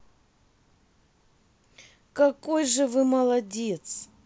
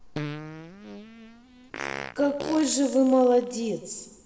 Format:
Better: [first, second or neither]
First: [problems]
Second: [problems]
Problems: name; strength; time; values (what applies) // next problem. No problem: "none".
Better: first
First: none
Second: background sound (Fart); 12 dB below the speech // room echo; dies away in 1 s